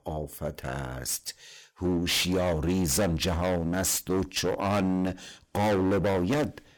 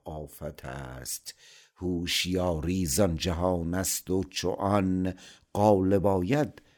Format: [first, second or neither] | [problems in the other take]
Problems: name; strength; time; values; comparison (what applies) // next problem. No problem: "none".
second | distortion; heavy; 18% of the sound clipped